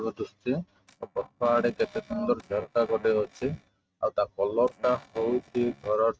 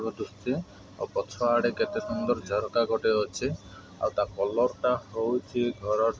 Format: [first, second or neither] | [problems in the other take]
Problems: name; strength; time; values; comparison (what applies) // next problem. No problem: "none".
second | noise reduction (neural mask model RNNoise)